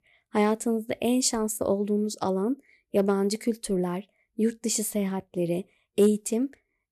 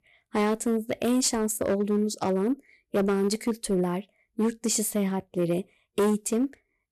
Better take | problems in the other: first | distortion; slight; 7% of the sound clipped

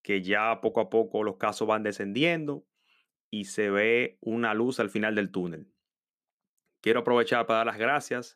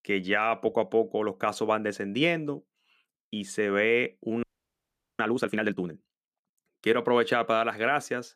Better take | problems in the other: first | audio freezing; at 4.5 s for 1 s

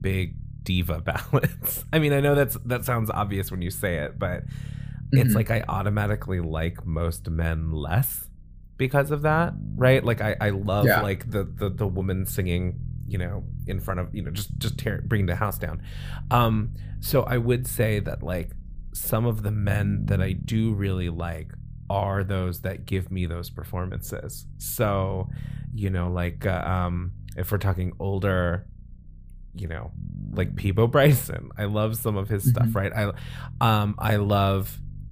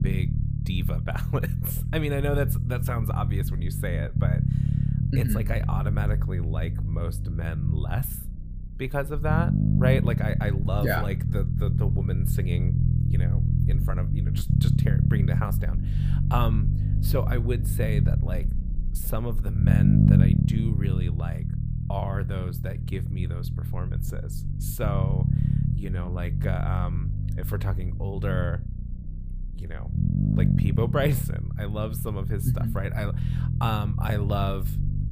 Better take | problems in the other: first | low rumble; loud; throughout; 4 dB below the speech; faint in the first

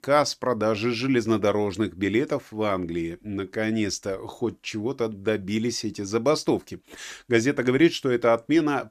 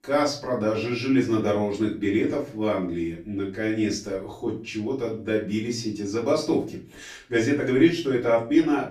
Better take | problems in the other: first | off-mic speech; far // room echo; slight; dies away in 0.4 s

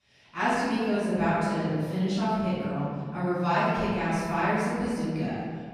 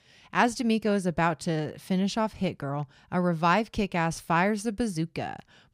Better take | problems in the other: second | off-mic speech; far // room echo; strong; dies away in 1.9 s

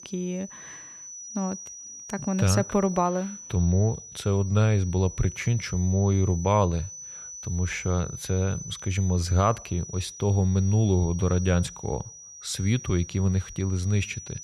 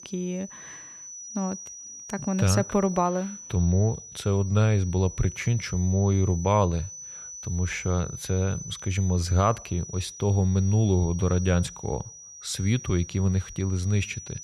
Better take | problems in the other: neither | high-pitched whine; noticeable; throughout; 6 kHz, 15 dB below the speech; the same in both

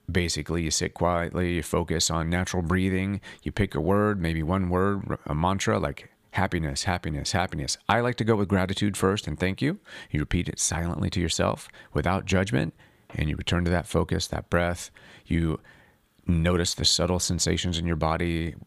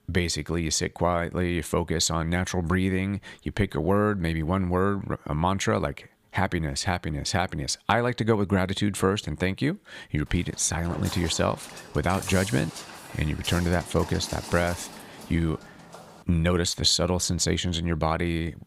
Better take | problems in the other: first | footsteps; noticeable; from 10 to 16 s; peak 8 dB below the speech

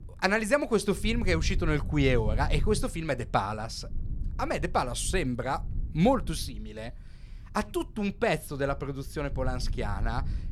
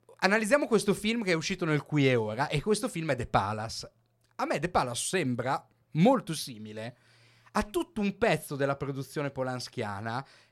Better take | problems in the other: second | low rumble; faint; throughout; 20 dB below the speech

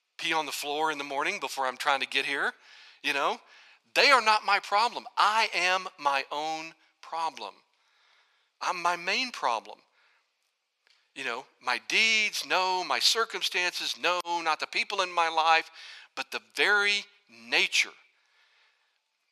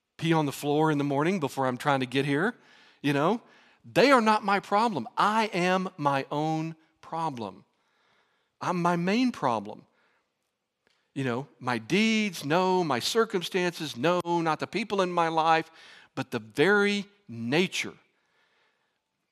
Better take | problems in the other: second | thin; very; fading below 750 Hz

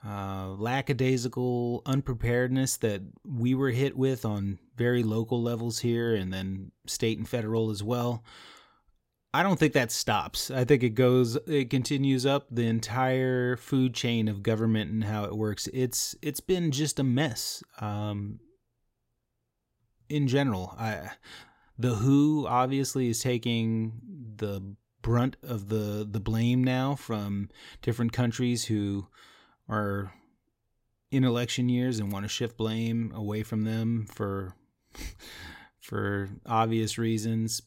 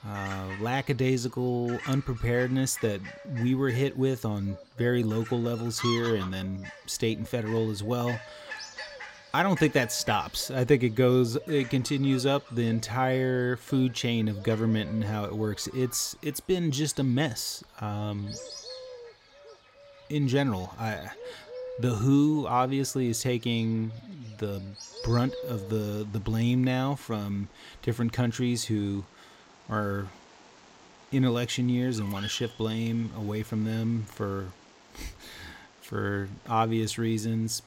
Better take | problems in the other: first | animal sounds; noticeable; throughout; 15 dB below the speech

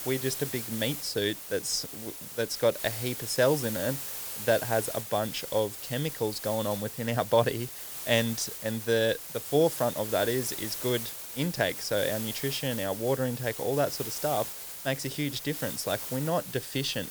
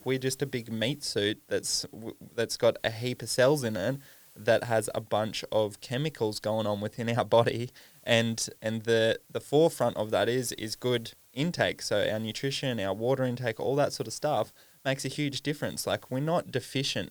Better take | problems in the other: second | hiss; loud; throughout; 6 dB below the speech; faint in the second

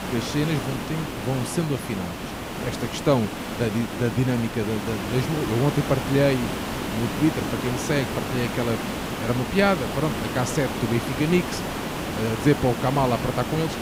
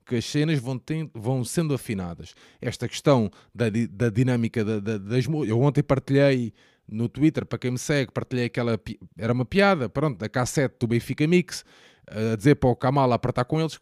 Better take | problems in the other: second | hiss; loud; throughout; 4 dB below the speech

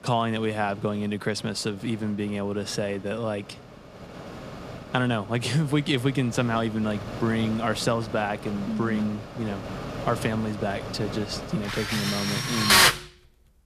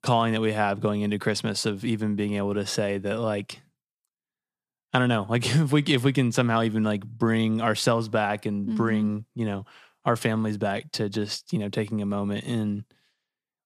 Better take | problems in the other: second | machinery noise; very loud; throughout; as loud as the speech

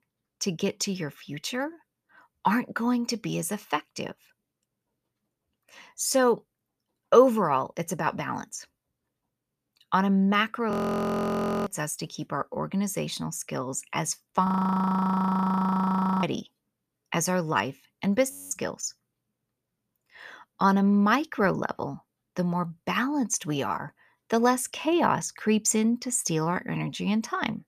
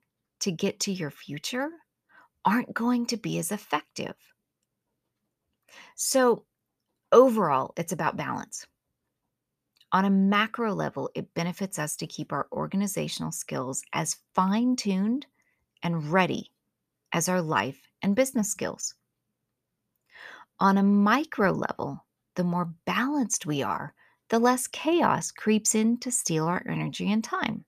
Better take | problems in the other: second | audio freezing; at 11 s for 1 s, at 14 s for 2 s and at 18 s

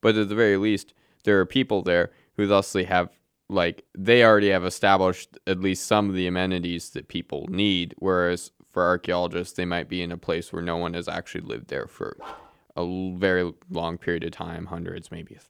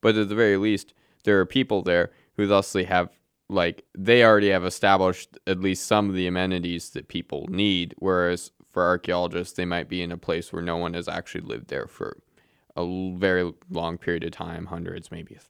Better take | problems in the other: second | dog barking; faint; at 12 s; peak 15 dB below the speech

